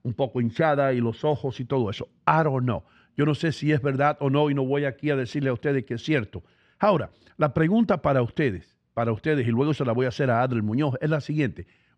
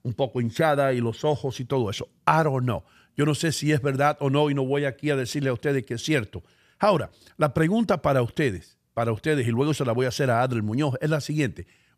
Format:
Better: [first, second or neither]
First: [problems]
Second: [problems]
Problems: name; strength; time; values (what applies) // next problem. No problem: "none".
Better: second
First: muffled; slightly; fading above 3 kHz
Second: none